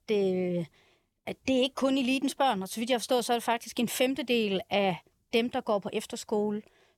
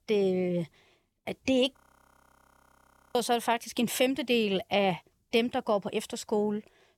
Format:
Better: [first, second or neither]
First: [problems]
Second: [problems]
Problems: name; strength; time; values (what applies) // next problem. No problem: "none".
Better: first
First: none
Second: audio freezing; at 2 s for 1.5 s